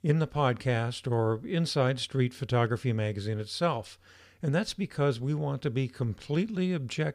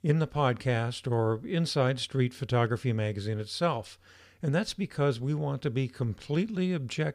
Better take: neither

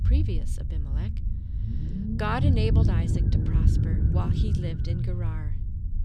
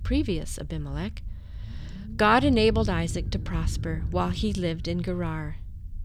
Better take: second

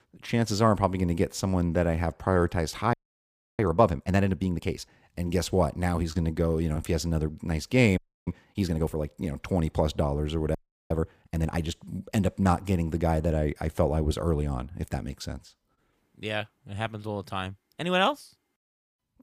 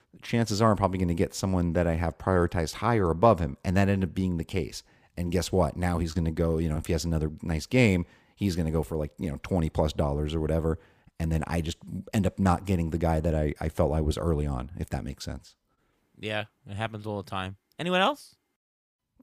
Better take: second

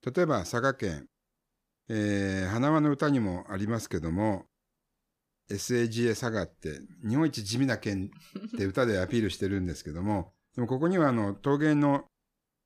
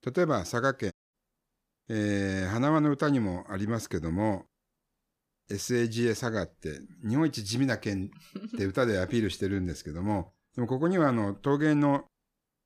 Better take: first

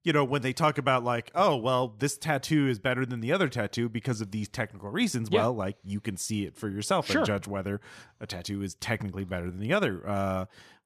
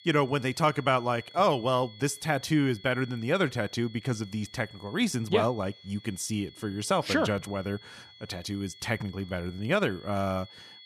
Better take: first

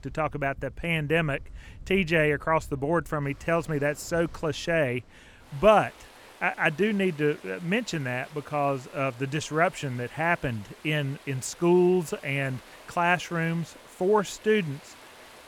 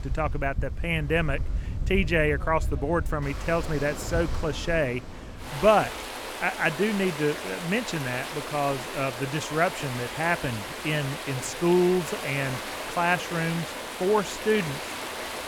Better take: first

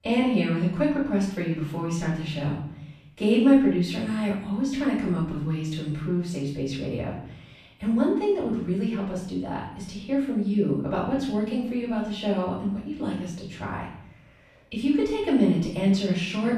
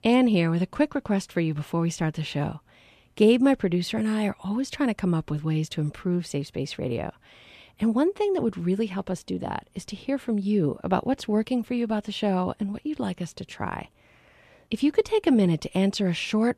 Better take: second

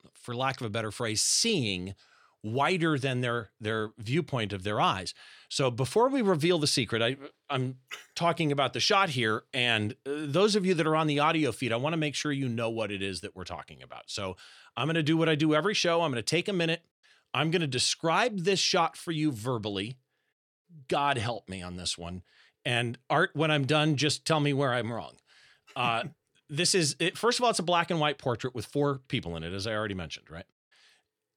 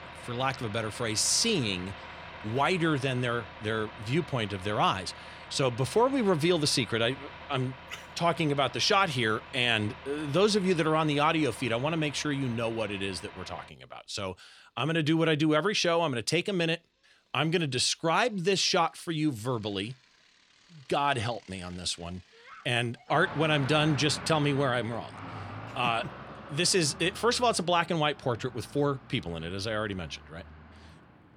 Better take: first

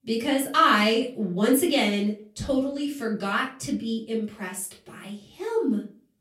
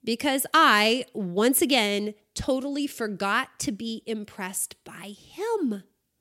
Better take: second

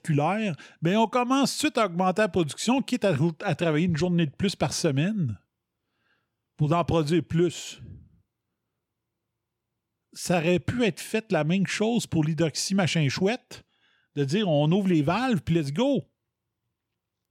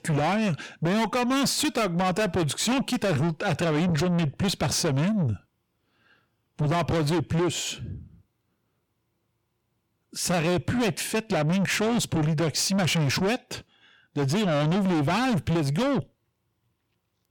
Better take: first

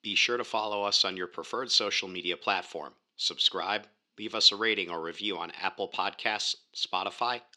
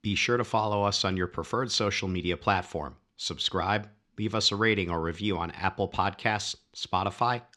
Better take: second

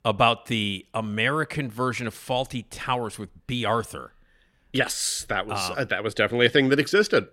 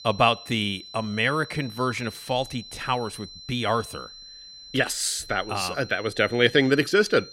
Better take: first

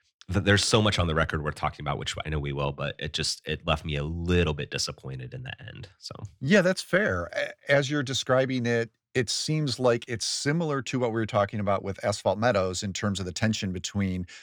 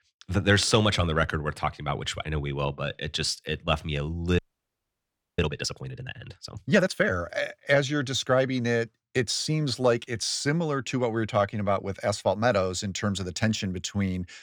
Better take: first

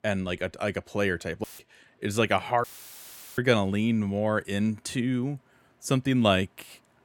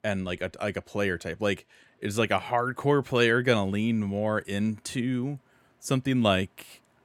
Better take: second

